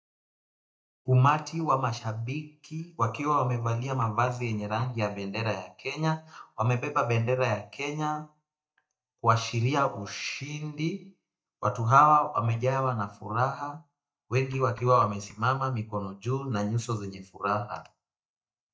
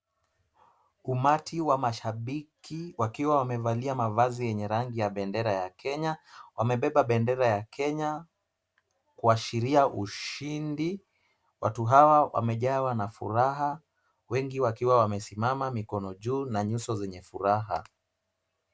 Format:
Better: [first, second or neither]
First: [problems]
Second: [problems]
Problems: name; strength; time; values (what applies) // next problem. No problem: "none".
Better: second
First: noise reduction (neural mask model DeepFilterNet 3)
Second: none